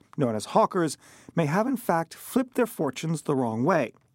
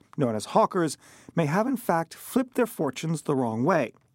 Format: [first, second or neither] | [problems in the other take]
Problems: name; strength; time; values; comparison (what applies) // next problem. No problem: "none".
neither | none